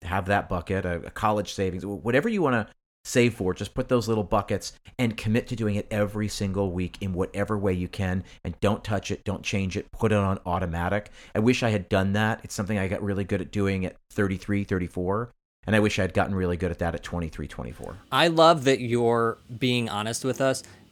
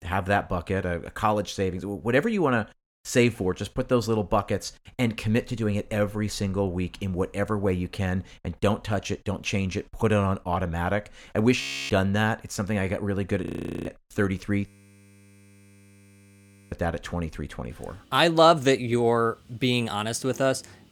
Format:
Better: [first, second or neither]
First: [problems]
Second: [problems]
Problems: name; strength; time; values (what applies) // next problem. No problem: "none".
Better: first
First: none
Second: audio freezing; at 12 s, at 13 s and at 15 s for 2 s